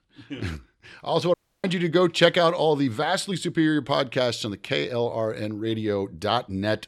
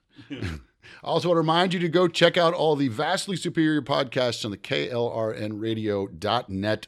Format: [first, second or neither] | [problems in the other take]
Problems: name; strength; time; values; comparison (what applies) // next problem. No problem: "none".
second | audio cutting out; at 1.5 s